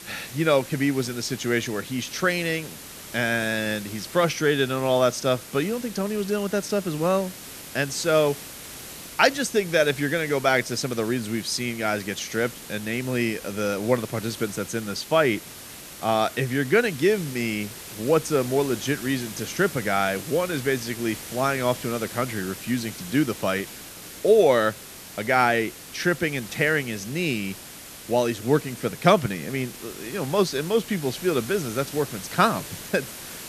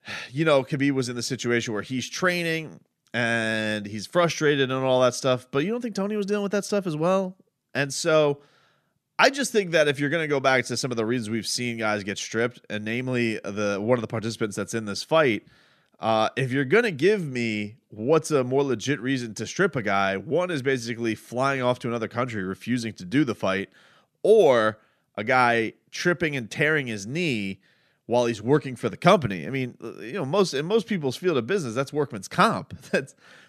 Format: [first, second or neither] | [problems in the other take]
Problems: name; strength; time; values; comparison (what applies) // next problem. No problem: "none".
second | hiss; noticeable; throughout; 15 dB below the speech